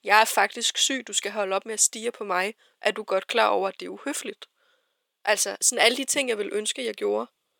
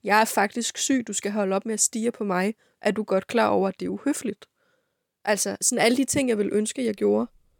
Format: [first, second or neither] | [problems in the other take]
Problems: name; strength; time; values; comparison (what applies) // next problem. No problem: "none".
second | thin; somewhat; fading below 500 Hz